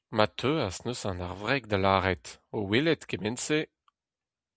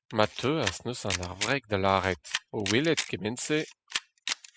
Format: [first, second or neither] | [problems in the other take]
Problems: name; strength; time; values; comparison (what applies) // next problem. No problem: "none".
first | noise reduction (classical method spectral subtraction)